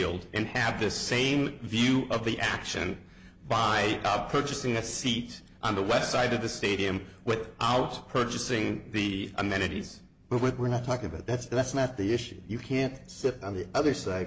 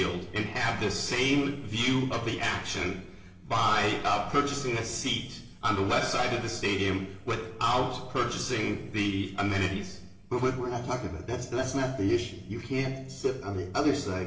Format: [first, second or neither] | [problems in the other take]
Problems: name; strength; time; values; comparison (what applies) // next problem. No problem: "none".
first | room echo; dies away in 0.8 s